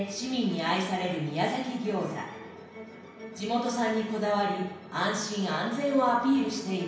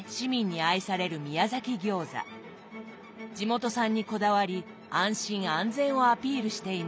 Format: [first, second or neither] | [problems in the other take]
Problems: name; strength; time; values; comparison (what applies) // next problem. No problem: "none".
second | room echo; dies away in 0.9 s